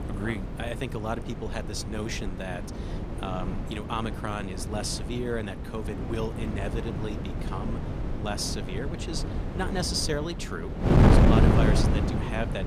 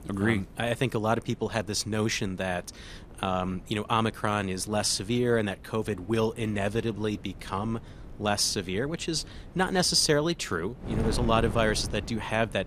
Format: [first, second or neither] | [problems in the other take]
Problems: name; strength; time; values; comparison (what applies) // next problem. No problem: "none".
second | wind noise on the microphone; heavy; as loud as the speech; occasional gusts in the second